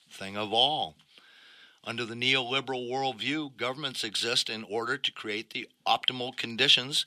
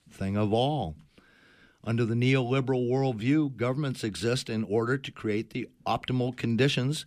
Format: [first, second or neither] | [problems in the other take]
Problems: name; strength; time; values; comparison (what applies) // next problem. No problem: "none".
second | thin; somewhat; fading below 1 kHz